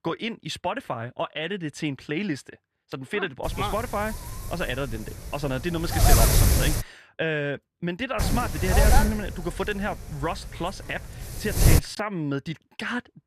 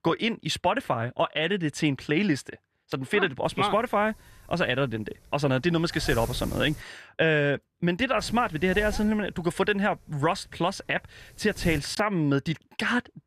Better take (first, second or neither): second